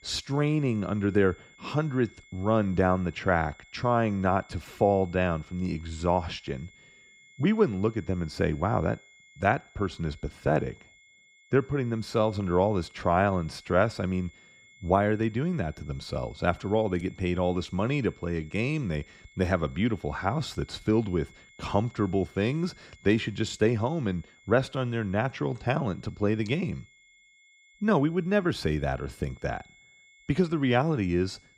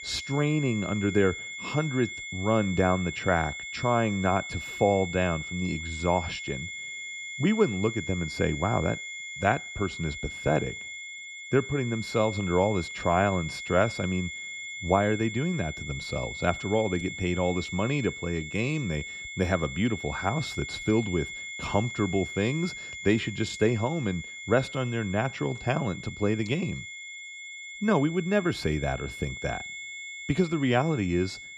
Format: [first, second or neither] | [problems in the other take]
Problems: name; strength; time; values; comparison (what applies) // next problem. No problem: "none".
first | high-pitched whine; loud; throughout; 2 kHz, 8 dB below the speech; faint in the first